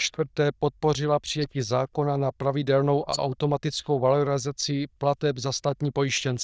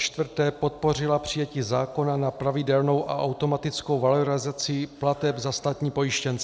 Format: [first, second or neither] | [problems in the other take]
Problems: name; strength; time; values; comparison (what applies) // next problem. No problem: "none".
second | noise reduction (neural diffusion model UNIVERSE++)